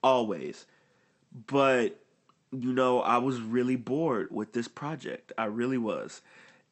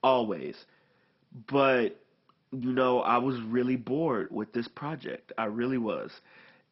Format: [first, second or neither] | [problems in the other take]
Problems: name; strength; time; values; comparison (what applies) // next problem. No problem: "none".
first | garbled, watery; badly; nothing above 5.5 kHz; slightly in the first